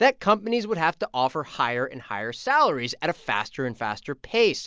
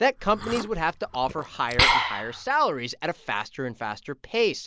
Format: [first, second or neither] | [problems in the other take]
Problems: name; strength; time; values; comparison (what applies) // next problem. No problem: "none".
first | background sound (Liquid); 1 dB below the speech